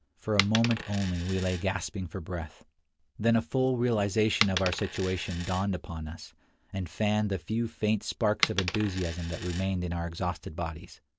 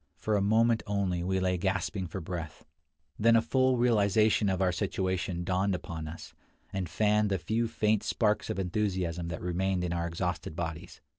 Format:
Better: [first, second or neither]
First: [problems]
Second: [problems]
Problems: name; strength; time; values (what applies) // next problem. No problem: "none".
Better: second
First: background sound (Coin (dropping)); 9 dB below the speech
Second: none